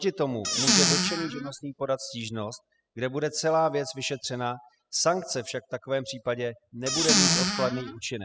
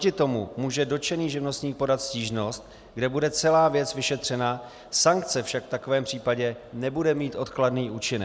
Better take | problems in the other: second | noise reduction (classical method spectral subtraction)

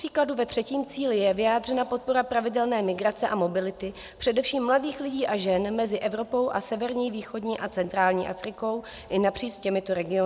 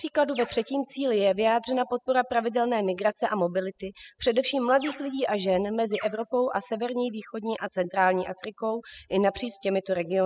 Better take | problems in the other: first | noise reduction (classical method spectral subtraction)

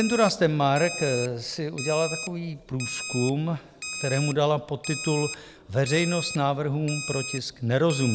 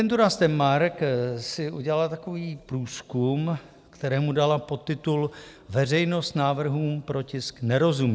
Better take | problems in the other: second | background sound (Alarm); 10 dB below the speech

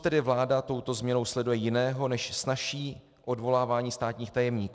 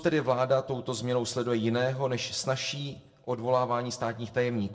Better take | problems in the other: first | room echo; dies away in 0.4 s

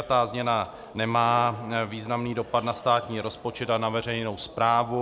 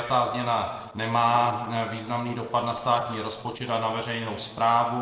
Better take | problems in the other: first | noise reduction (neural separator model SepFormer DNS4)

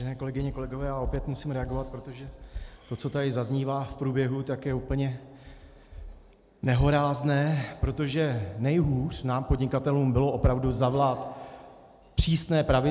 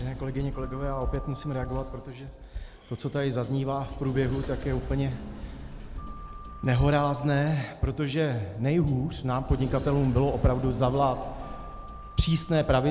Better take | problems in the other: first | background sound (Sliding door); 12 dB below the speech

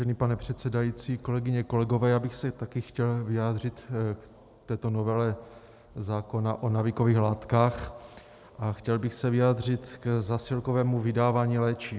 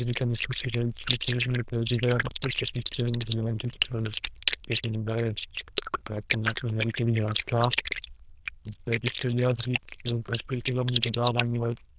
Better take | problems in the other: first | noise reduction (neural diffusion model UNIVERSE++)

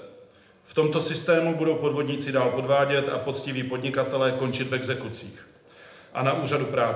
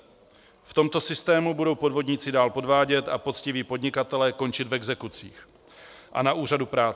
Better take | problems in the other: second | room echo; dies away in 0.7 s

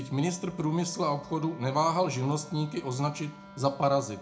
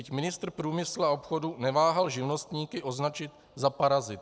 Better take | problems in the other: second | background sound (Wind instrument, woodwind instrument); 19 dB below the speech // room echo; dies away in 0.4 s

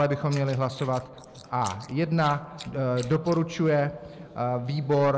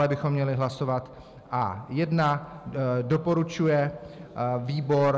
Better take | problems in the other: second | noise reduction (neural mask model Resemble Enhance denoiser)

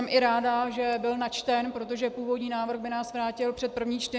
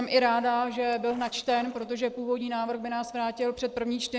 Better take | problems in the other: first | noise reduction (neural separator model SepFormer DNS4)

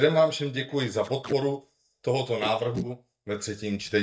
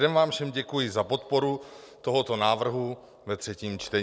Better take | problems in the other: second | noise reduction (neural mask model DeepFilterNet 3)

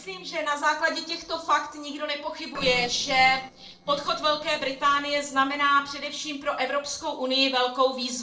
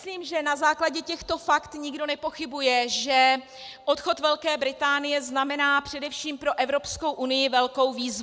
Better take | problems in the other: second | noise reduction (neural separator model SepFormer DNS4)

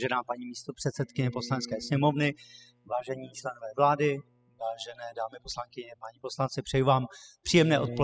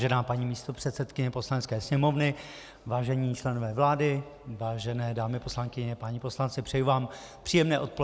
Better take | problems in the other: second | noise reduction (classical method spectral subtraction)

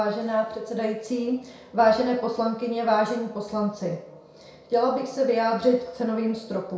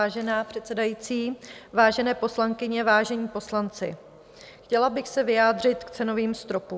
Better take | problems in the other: second | room echo; dies away in 0.6 s

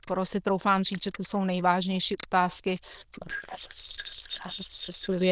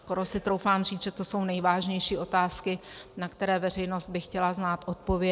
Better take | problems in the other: second | noise reduction (neural diffusion model UNIVERSE++)

